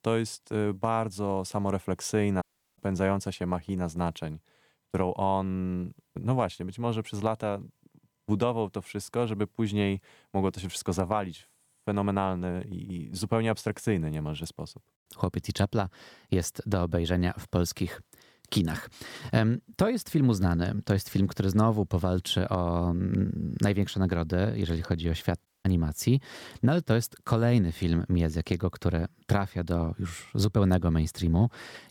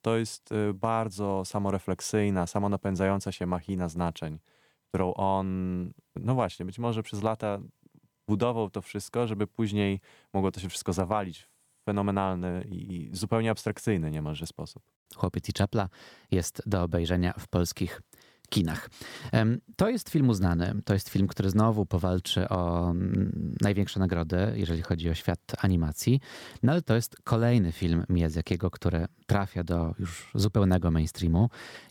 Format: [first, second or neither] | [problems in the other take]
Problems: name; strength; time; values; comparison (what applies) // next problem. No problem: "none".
second | audio cutting out; at 2.5 s and at 25 s